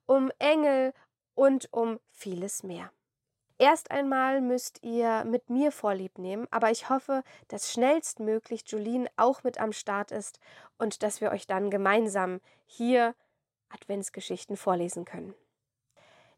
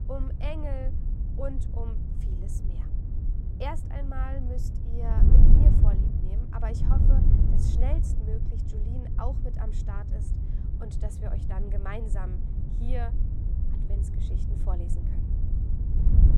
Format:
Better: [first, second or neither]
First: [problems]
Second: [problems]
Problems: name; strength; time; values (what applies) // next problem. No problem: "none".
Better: first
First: none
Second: wind noise on the microphone; heavy; 2 dB below the speech